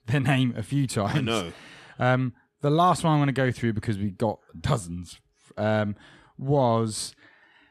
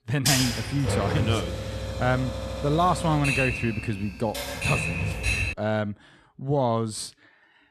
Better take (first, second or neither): first